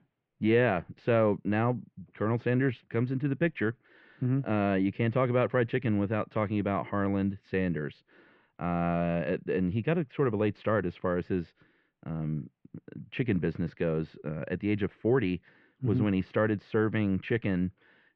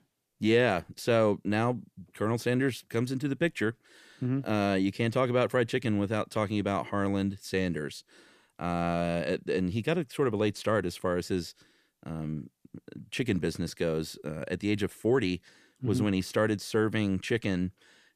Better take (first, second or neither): second